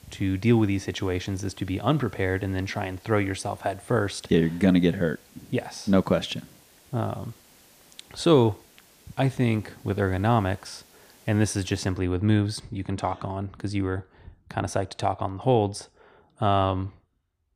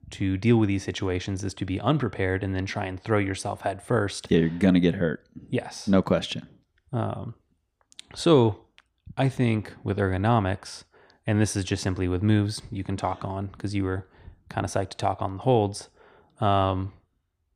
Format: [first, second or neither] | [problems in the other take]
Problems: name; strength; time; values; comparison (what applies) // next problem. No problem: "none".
second | hiss; faint; until 12 s; 30 dB below the speech